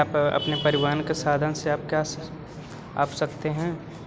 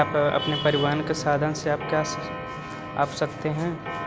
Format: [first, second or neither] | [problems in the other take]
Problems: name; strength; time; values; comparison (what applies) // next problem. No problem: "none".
first | background sound (Clock); 10 dB below the speech